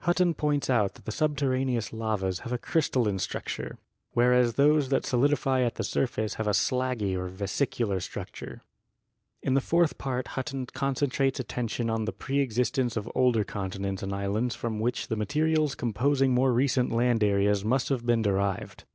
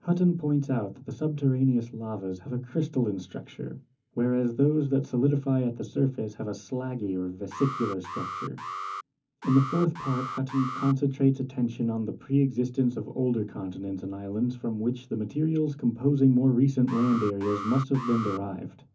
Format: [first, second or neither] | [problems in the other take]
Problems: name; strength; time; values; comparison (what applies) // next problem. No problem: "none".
first | background sound (Alarm); 9 dB below the speech // room echo; dies away in 0.3 s